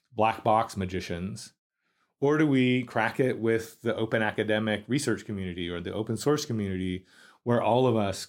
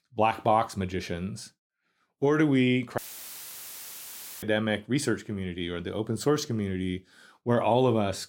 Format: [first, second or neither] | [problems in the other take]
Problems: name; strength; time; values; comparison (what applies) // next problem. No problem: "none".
first | audio cutting out; filled with static; at 3 s for 1.5 s